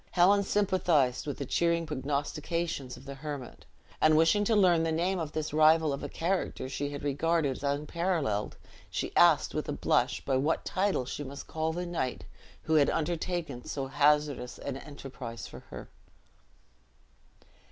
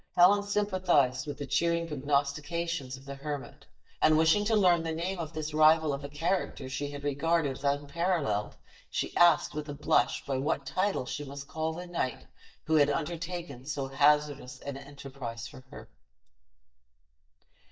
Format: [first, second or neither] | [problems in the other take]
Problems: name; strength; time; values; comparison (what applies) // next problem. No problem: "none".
first | noise reduction (neural mask model DeepFilterNet 3)